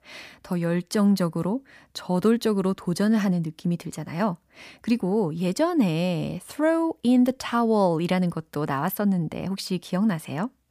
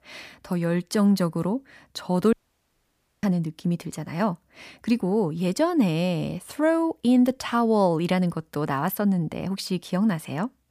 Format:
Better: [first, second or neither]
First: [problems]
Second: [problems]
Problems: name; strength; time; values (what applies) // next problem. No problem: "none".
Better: first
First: none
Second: audio cutting out; at 2.5 s for 1 s